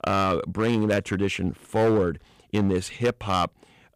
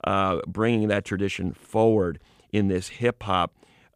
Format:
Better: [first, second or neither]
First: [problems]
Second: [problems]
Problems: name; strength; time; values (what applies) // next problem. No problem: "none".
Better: second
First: distortion; slight; 7% of the sound clipped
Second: none